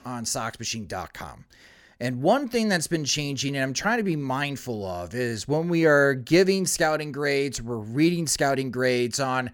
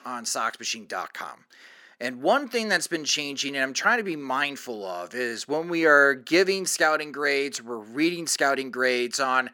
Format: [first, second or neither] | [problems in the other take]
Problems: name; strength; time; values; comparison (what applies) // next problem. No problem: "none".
first | thin; somewhat; fading below 250 Hz